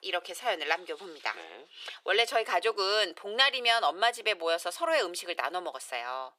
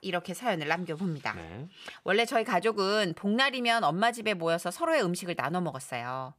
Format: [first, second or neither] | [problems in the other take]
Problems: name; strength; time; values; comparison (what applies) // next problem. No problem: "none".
second | thin; very; fading below 400 Hz